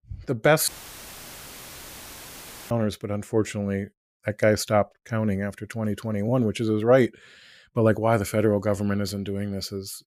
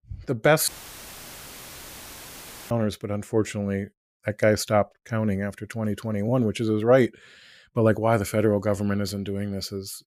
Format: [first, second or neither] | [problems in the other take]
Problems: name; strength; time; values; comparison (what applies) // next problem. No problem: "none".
neither | audio cutting out; filled with static; at 0.5 s for 2 s; the same in both